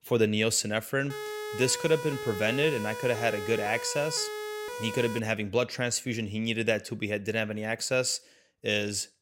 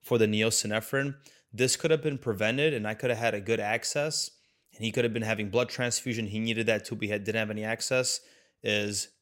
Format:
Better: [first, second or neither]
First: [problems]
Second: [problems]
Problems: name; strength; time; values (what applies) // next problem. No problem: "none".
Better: second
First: siren; noticeable; from 1 to 5 s; peak 7 dB below the speech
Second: none